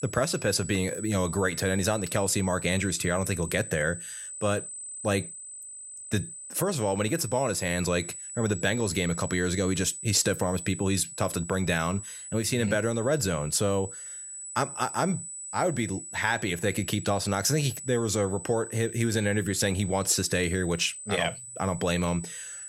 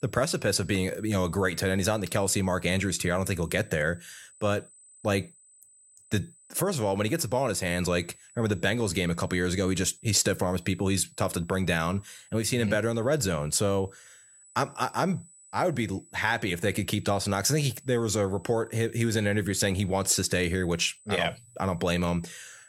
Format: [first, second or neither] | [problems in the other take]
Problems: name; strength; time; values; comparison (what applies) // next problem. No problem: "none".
second | high-pitched whine; loud; throughout; 8 kHz, 10 dB below the speech; faint in the second